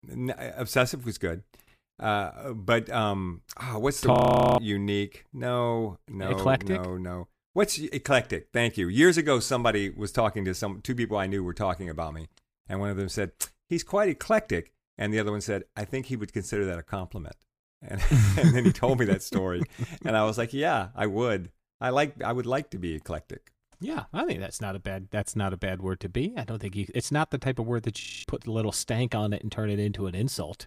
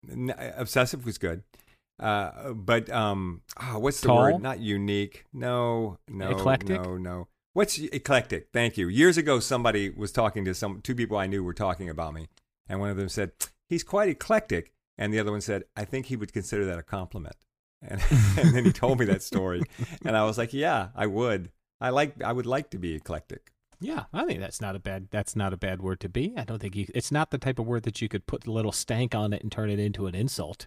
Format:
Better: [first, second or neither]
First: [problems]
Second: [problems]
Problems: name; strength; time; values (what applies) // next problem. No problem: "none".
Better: second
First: audio freezing; at 4 s and at 28 s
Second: none